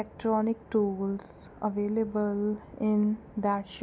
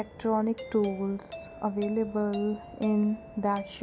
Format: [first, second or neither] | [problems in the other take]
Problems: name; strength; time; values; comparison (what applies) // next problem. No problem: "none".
first | background sound (Doorbell); 16 dB below the speech